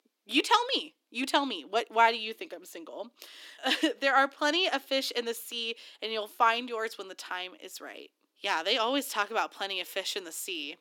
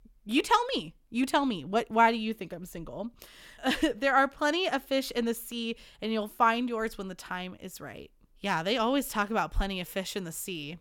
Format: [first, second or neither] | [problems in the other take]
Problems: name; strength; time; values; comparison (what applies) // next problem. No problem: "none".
second | thin; very slightly; fading below 300 Hz